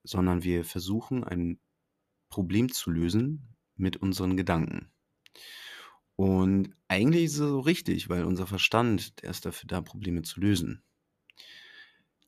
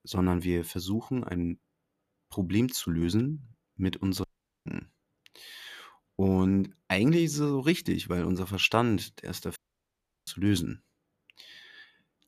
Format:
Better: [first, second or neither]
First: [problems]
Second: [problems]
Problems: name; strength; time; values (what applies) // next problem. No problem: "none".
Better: first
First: none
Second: audio cutting out; at 4 s and at 9.5 s for 0.5 s